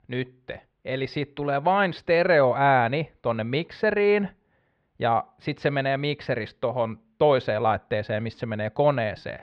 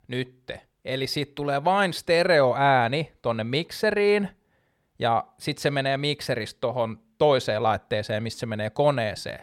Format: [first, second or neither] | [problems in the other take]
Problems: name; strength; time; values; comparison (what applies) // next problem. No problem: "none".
second | muffled; slightly; fading above 3 kHz